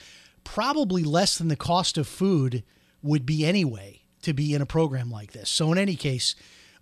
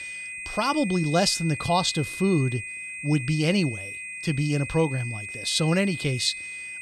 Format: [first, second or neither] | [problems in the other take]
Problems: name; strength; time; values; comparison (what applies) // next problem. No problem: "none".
first | high-pitched whine; loud; throughout; 2.5 kHz, 8 dB below the speech